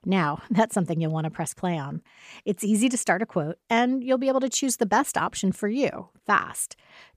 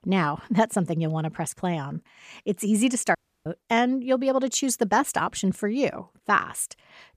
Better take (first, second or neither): first